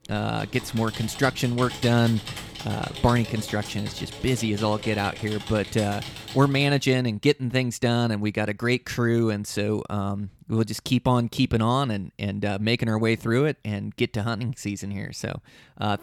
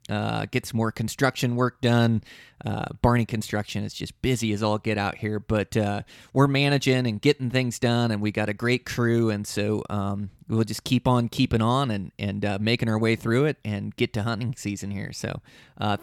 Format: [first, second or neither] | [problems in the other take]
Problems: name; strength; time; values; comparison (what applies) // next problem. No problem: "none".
second | keyboard typing; noticeable; until 7 s; peak 8 dB below the speech